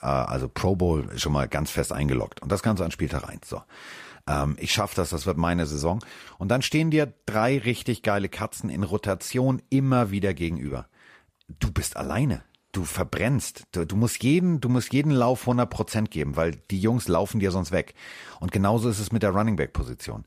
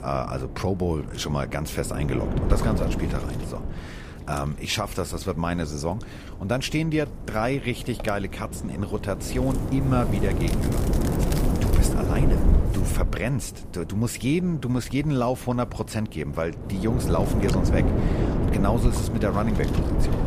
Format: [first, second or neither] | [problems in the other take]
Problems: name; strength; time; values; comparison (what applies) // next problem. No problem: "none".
first | wind noise on the microphone; heavy; 3 dB below the speech